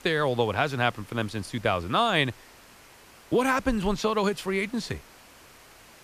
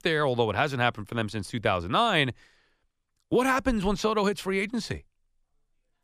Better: second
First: hiss; faint; throughout; 25 dB below the speech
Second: none

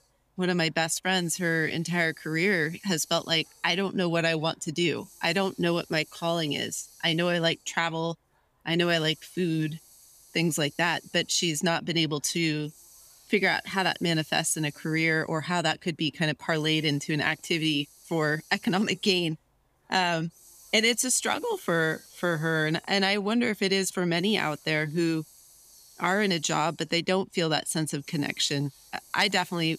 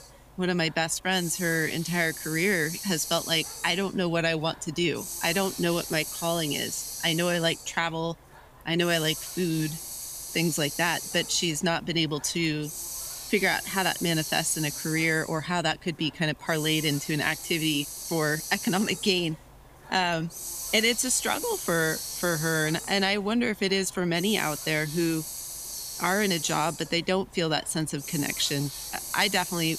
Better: first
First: hiss; faint; throughout; 25 dB below the speech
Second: hiss; loud; throughout; 8 dB below the speech

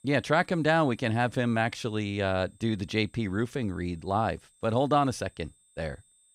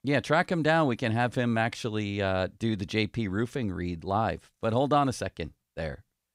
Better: second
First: high-pitched whine; faint; throughout; 8.5 kHz, 35 dB below the speech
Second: none

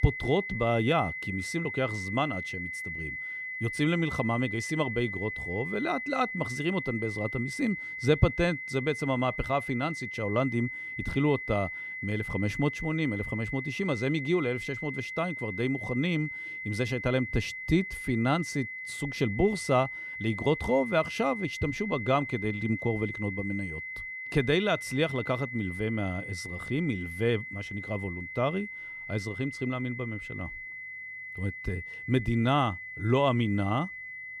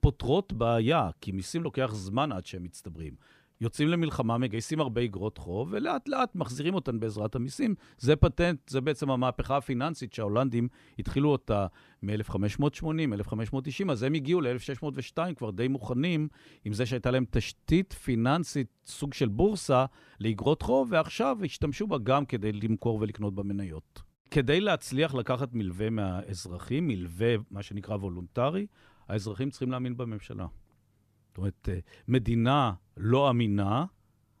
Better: second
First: high-pitched whine; loud; throughout; 2 kHz, 6 dB below the speech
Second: none

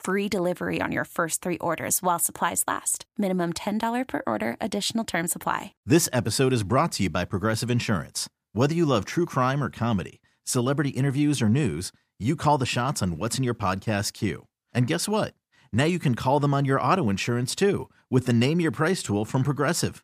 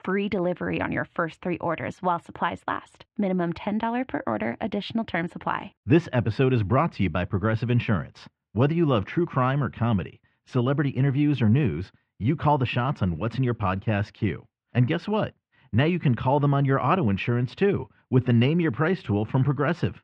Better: first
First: none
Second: muffled; very; fading above 3 kHz

